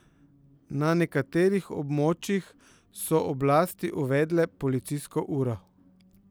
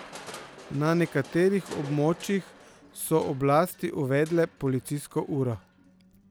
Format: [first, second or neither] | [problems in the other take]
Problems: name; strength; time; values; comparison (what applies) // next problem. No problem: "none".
first | background sound (Crushing); 20 dB below the speech